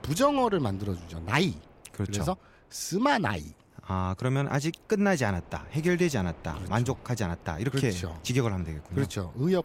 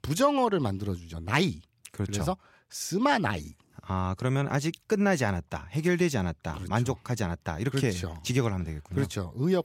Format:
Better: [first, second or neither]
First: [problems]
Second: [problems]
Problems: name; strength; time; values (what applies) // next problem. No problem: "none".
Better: second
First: wind noise on the microphone; occasional gusts; 25 dB below the speech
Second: none